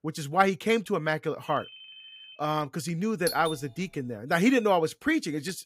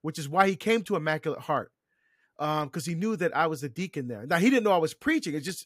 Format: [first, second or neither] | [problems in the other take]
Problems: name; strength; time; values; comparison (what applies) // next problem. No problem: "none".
second | phone ringing; faint; at 1.5 s; peak 15 dB below the speech // doorbell; noticeable; at 3.5 s; peak 7 dB below the speech